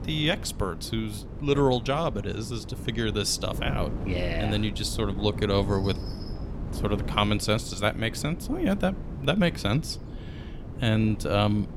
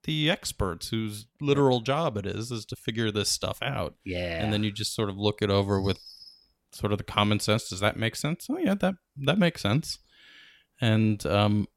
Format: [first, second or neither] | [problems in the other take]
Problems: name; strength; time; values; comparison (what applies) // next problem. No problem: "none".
second | wind noise on the microphone; occasional gusts; 15 dB below the speech